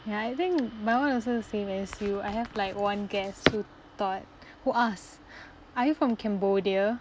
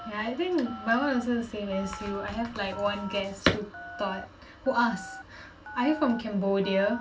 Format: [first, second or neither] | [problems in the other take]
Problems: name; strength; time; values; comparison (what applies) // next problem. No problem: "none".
first | background sound (Telephone); 15 dB below the speech // room echo; dies away in 0.2 s